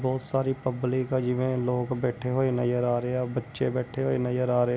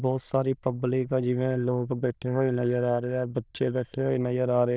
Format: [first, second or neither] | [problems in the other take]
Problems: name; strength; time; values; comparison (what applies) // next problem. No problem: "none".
first | noise reduction (neural diffusion model UNIVERSE++)